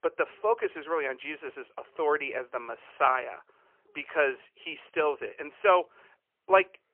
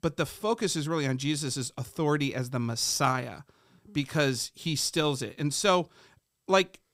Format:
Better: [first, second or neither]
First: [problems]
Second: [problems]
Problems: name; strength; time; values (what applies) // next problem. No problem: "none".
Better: second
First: phone-call audio; poor line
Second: none